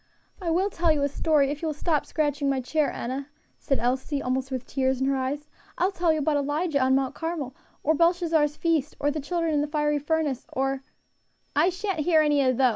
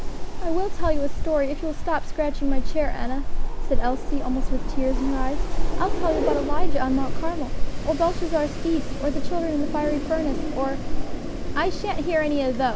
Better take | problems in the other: first | background sound (Wind); 4 dB above the speech

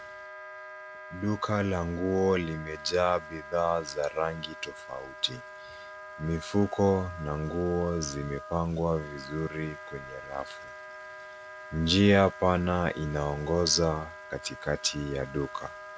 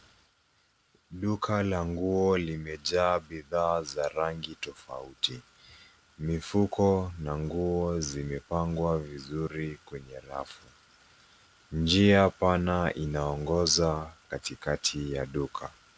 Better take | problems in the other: second | background sound (Wind instrument, woodwind instrument); 14 dB below the speech

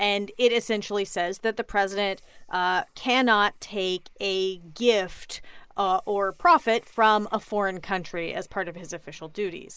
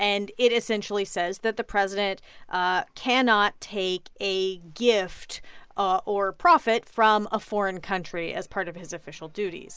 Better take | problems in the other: second | noise reduction (neural mask model Resemble Enhance denoiser)

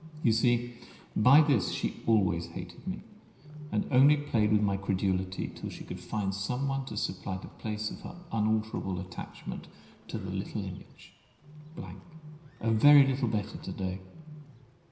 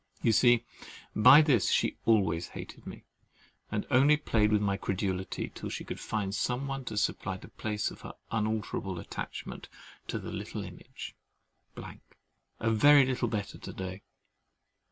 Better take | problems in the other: second | background sound (Bird); 20 dB below the speech // room echo; dies away in 0.9 s

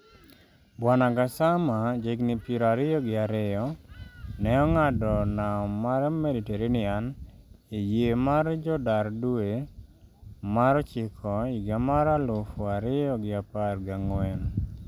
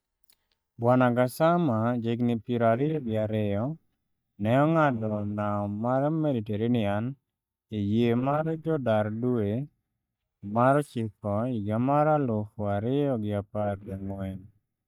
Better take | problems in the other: first | noise reduction (neural mask model DeepFilterNet 3)

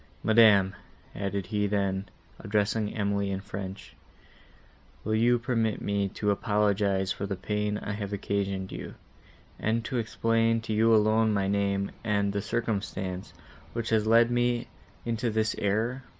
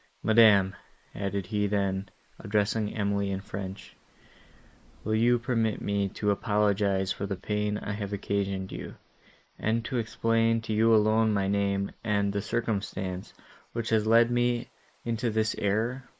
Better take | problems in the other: first | noise reduction (neural mask model Resemble Enhance denoiser)

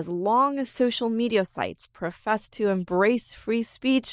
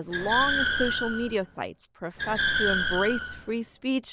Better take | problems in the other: first | background sound (Car); as loud as the speech

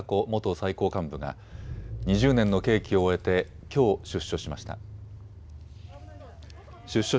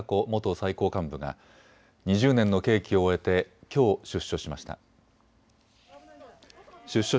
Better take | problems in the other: second | background sound (Engine / Car); 13 dB below the speech

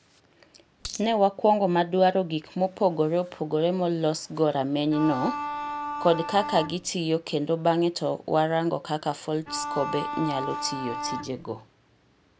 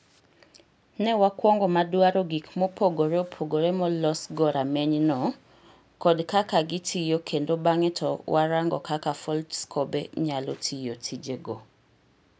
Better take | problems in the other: second | background sound (Bowed string instrument + Coin (dropping)); 7 dB below the speech

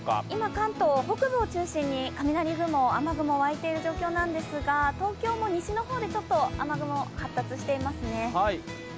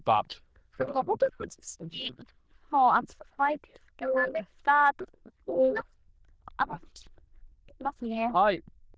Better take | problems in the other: first | noise reduction (neural diffusion model UNIVERSE++)

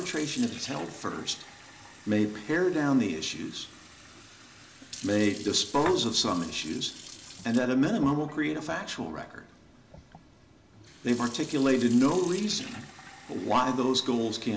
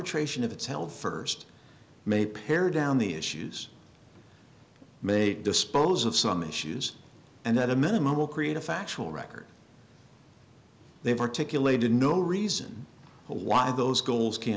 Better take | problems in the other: second | background sound (Fill (with liquid) / Sink (filling or washing)); 17 dB below the speech // room echo; dies away in 0.5 s

